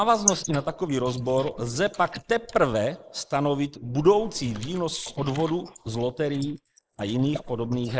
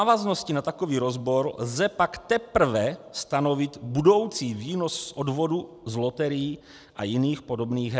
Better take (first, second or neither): second